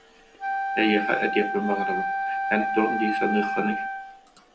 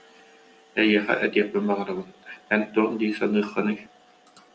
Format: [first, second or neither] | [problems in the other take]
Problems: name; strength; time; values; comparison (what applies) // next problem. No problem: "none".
second | background sound (Wind instrument, woodwind instrument); 1 dB below the speech